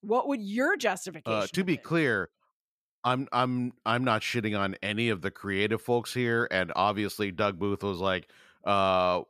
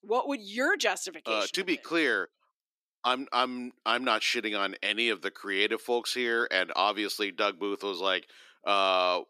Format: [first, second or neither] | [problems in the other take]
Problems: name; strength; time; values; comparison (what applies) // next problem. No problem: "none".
first | thin; somewhat; fading below 300 Hz